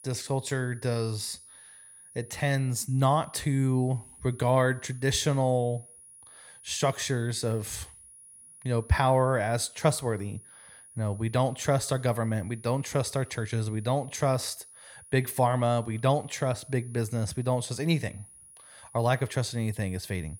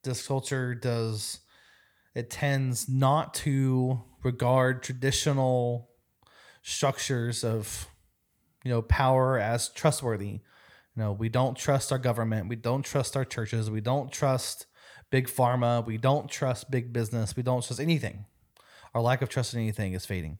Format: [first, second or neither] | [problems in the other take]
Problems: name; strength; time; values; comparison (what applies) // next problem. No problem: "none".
second | high-pitched whine; faint; throughout; 10.5 kHz, 20 dB below the speech